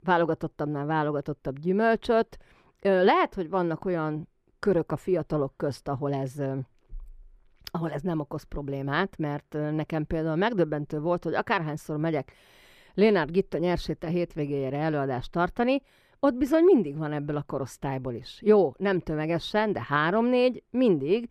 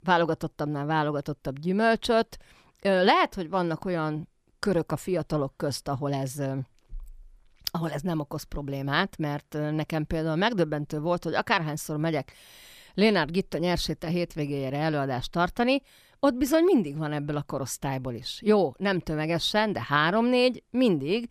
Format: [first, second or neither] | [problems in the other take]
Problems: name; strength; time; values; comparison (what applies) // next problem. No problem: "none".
second | muffled; slightly; fading above 3 kHz